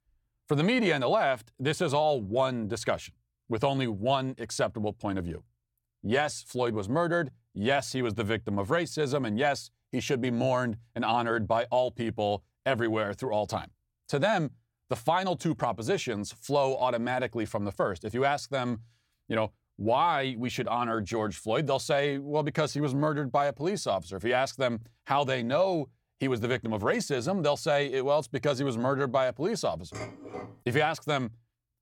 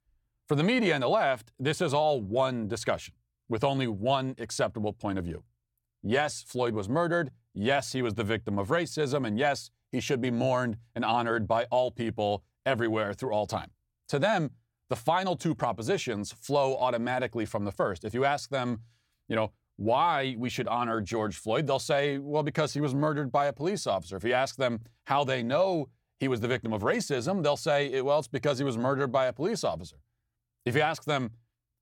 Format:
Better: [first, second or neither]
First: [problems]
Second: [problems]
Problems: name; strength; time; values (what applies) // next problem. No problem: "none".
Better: second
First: clattering dishes; faint; at 30 s; peak 10 dB below the speech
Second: none